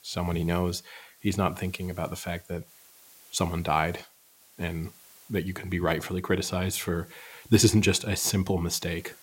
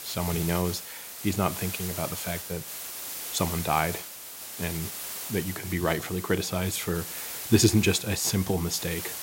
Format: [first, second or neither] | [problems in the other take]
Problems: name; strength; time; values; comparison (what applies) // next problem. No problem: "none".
first | hiss; loud; throughout; 7 dB below the speech; faint in the first